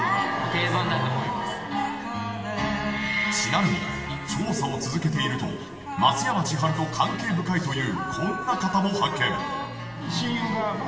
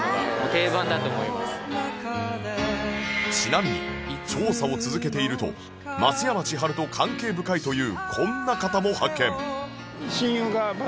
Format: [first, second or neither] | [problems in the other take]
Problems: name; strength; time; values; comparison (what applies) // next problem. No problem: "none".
second | room echo; dies away in 2.5 s